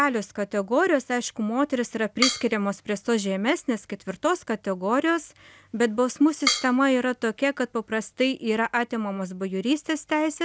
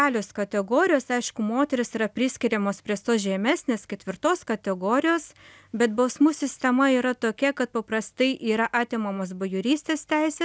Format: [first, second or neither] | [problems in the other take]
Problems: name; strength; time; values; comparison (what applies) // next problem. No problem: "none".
second | background sound (Drum kit); 7 dB below the speech